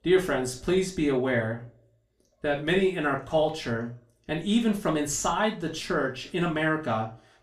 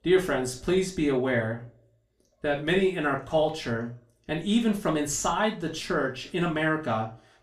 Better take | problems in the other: neither | room echo; slight; dies away in 0.2 s; the same in both // off-mic speech; far; the same in both

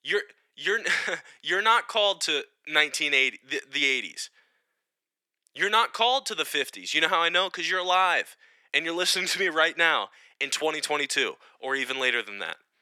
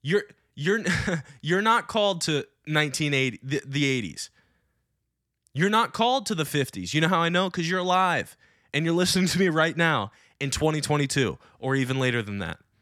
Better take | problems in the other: second | thin; very; fading below 400 Hz

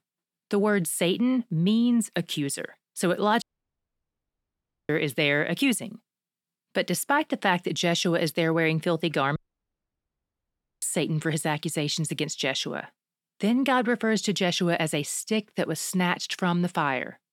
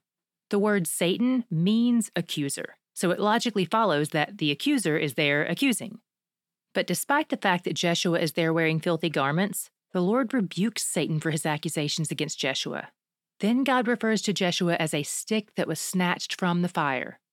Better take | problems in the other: second | audio cutting out; at 3.5 s for 1.5 s and at 9.5 s for 1.5 s

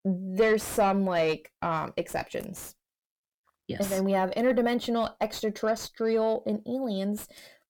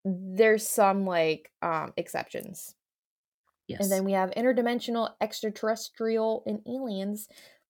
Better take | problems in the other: second | distortion; slight; 9 dB below the speech

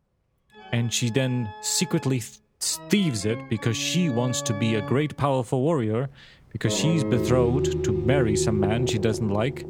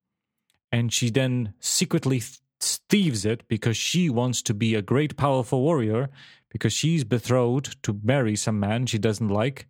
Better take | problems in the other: second | background music; loud; throughout; 4 dB below the speech

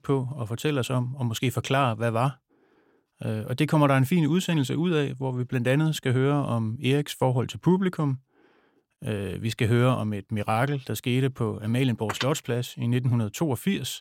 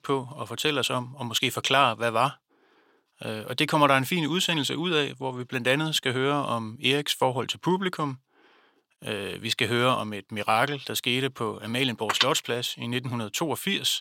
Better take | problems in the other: first | thin; somewhat; fading below 1 kHz

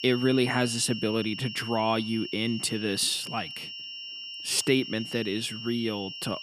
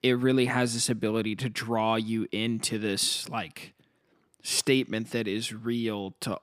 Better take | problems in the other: second | high-pitched whine; loud; throughout; 3 kHz, 9 dB below the speech

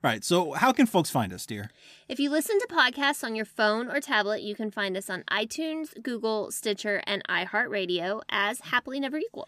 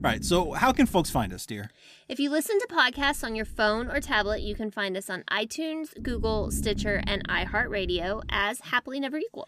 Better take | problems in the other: first | low rumble; faint; until 1.5 s, from 3 to 4.5 s and from 6 to 8.5 s; 20 dB below the speech

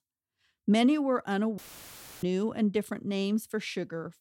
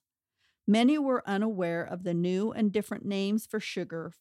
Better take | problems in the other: second | audio cutting out; filled with static; at 1.5 s for 0.5 s

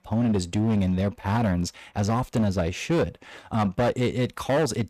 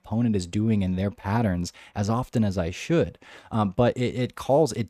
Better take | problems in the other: second | distortion; slight; 13% of the sound clipped

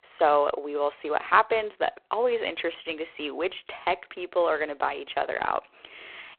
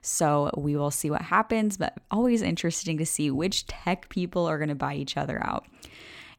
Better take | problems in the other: second | phone-call audio; poor line

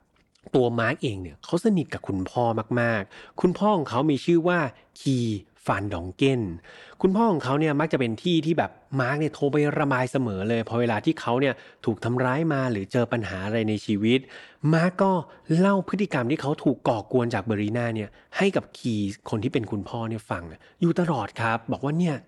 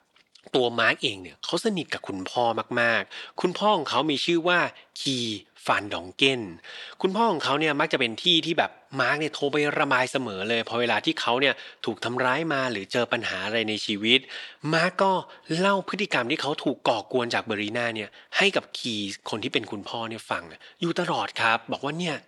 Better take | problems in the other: first | thin; somewhat; fading below 600 Hz

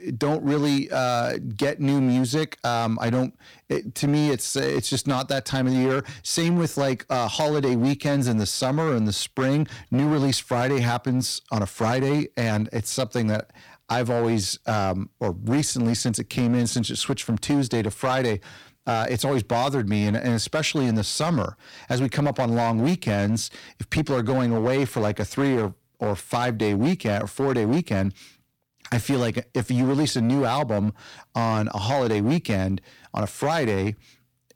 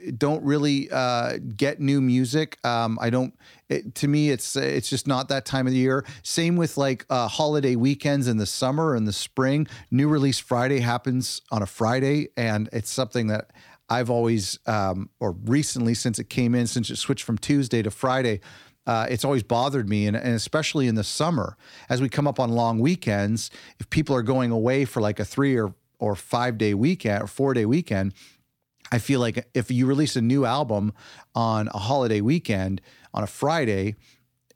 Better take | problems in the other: second | distortion; slight; 10% of the sound clipped

